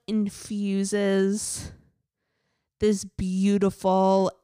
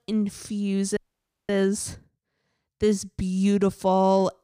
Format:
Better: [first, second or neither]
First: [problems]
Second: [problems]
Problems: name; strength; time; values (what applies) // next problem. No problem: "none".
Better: first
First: none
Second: audio freezing; at 1 s for 0.5 s